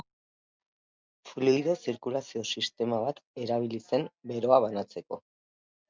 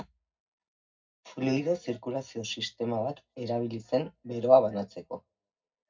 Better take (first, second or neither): first